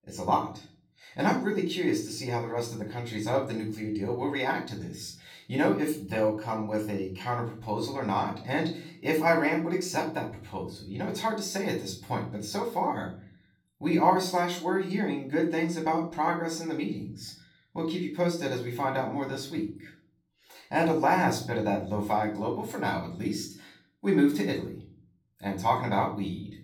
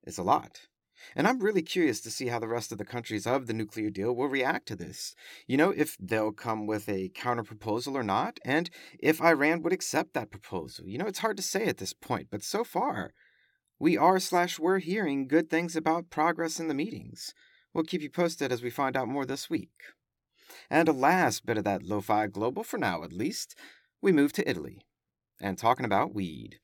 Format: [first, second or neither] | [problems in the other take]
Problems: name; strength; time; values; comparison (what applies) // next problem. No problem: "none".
second | off-mic speech; far // room echo; slight; dies away in 0.5 s